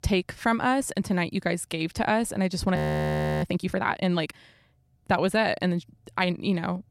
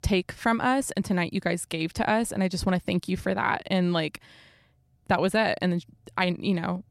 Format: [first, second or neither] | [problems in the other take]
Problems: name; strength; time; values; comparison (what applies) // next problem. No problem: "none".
second | audio freezing; at 3 s for 0.5 s